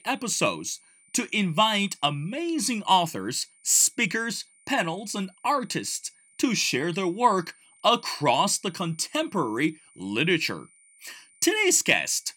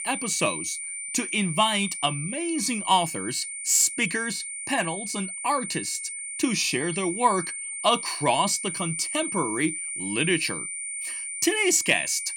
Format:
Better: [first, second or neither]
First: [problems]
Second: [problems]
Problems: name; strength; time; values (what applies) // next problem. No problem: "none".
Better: first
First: high-pitched whine; faint; throughout; 9 kHz, 30 dB below the speech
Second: high-pitched whine; loud; throughout; 9 kHz, 6 dB below the speech